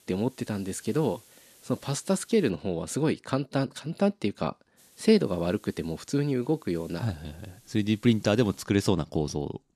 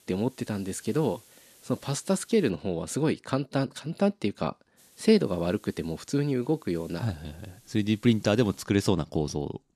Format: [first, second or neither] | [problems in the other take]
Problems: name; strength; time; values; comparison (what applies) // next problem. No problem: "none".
neither | hiss; faint; until 2.5 s and from 5 to 8.5 s; 25 dB below the speech; the same in both